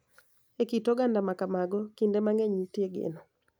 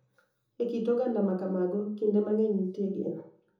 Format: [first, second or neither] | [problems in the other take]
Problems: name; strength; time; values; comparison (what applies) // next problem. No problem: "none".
first | room echo; dies away in 1 s